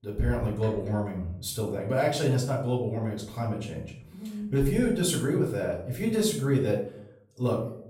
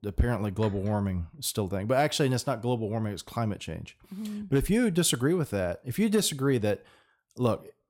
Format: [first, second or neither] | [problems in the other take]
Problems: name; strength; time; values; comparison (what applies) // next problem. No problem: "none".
second | room echo; noticeable; dies away in 0.5 s // off-mic speech; far